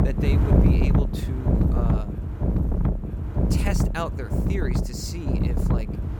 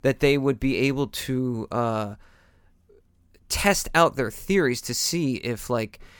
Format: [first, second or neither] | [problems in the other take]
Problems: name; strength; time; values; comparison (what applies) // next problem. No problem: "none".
second | wind noise on the microphone; heavy; 2 dB above the speech